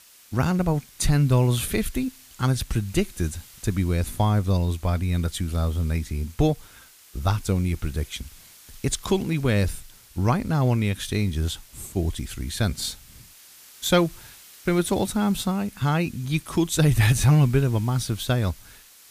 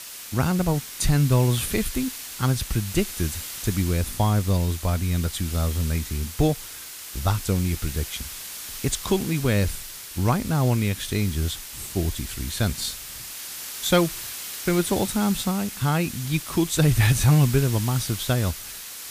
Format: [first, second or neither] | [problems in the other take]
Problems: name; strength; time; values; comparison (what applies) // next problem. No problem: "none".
first | hiss; loud; throughout; 9 dB below the speech; faint in the first